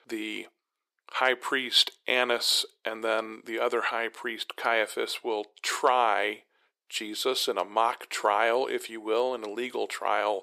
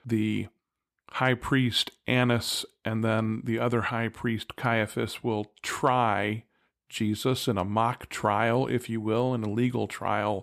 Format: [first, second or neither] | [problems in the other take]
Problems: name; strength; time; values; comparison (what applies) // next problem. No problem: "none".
second | thin; very; fading below 400 Hz